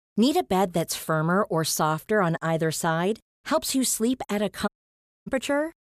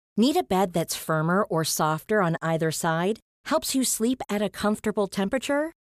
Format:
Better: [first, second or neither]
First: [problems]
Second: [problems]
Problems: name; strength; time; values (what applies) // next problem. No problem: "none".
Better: second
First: audio cutting out; at 4.5 s for 0.5 s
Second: none